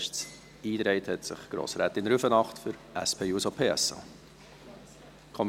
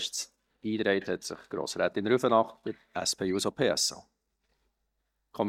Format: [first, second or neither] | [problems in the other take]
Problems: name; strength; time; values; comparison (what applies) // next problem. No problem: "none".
first | noise reduction (neural mask model DeepFilterNet 3)